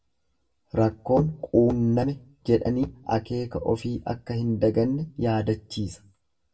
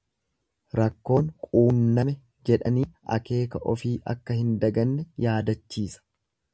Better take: second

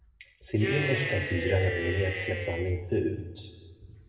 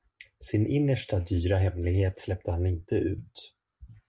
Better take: second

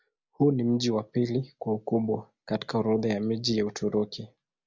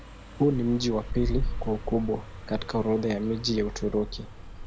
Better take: first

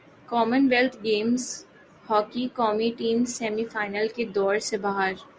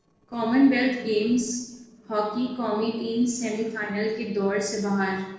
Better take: first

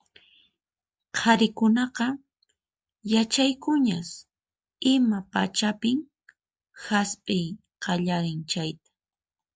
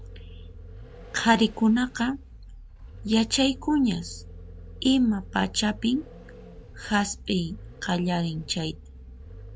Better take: first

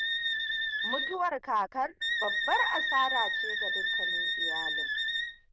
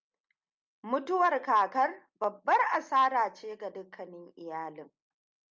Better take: second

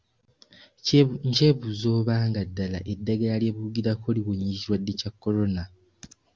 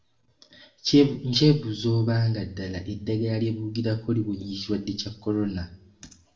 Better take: first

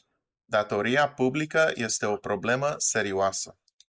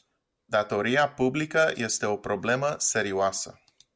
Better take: second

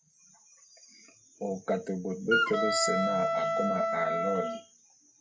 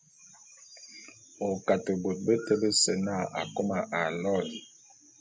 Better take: second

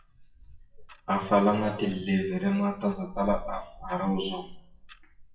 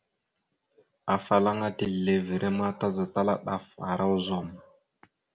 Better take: second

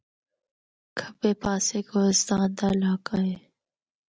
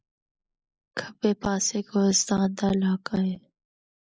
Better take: first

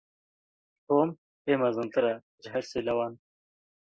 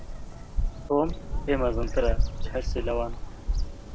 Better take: first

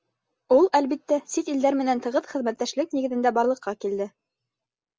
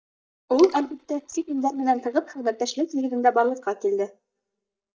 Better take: first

